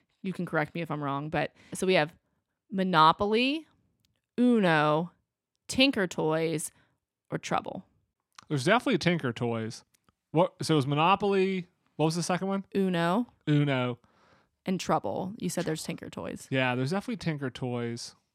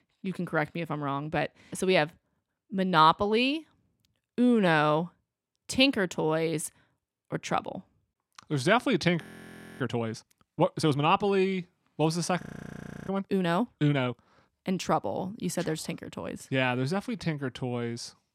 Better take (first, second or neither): first